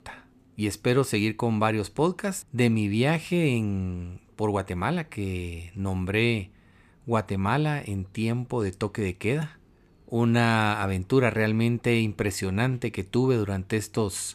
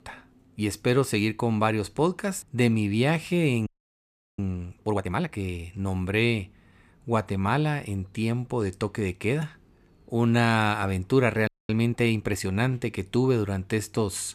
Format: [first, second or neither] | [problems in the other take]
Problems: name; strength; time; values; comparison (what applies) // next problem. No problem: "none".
first | audio freezing; at 3.5 s for 0.5 s and at 11 s